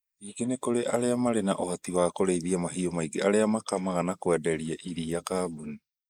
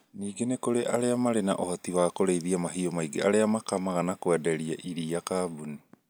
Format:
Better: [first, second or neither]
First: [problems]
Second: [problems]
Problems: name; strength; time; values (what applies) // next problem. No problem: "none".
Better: second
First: noise reduction (neural mask model Resemble Enhance denoiser)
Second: none